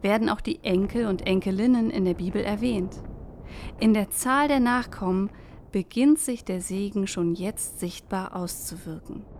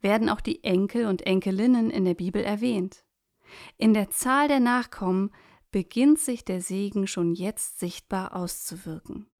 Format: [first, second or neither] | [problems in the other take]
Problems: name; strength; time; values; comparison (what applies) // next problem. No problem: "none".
second | wind noise on the microphone; occasional gusts; 25 dB below the speech